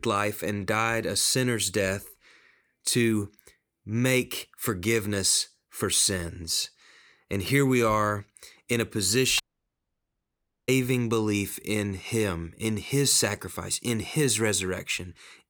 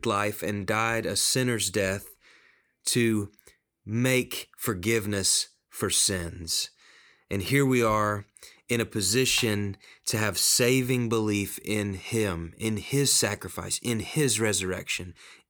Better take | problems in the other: second | audio cutting out; at 9.5 s for 1.5 s

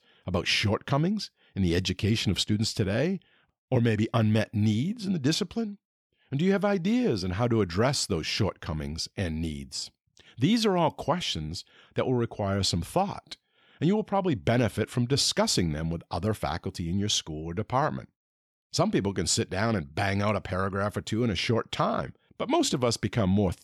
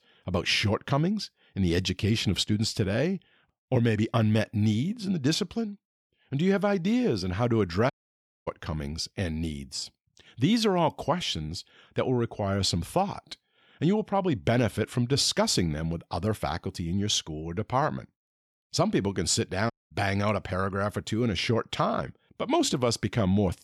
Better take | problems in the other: first | audio cutting out; at 8 s for 0.5 s and at 20 s

